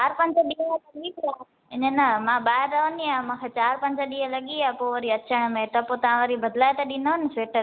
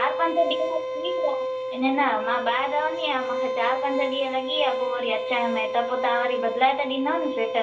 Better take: first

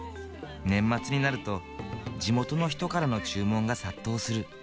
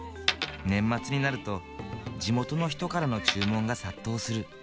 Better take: first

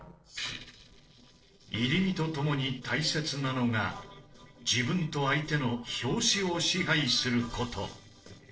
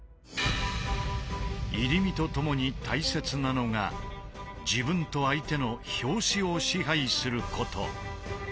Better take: second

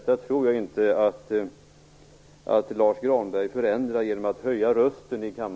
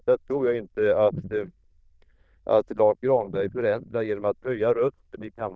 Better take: first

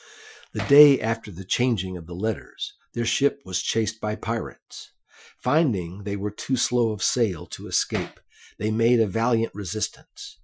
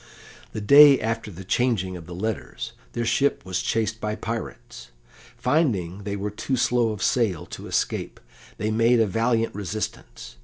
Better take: second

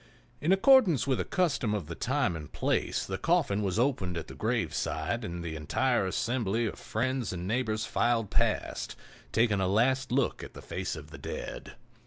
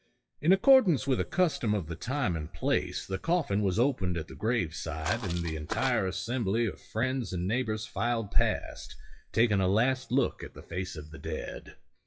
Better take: first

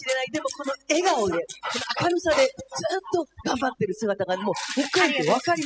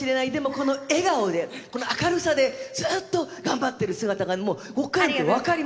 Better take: second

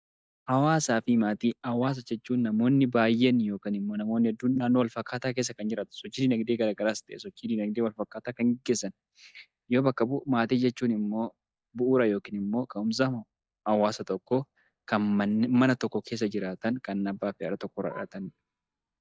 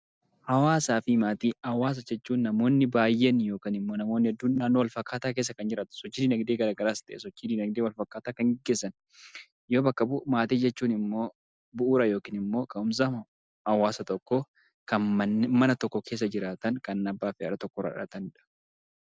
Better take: second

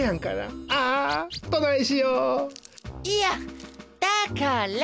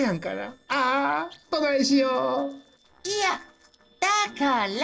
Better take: first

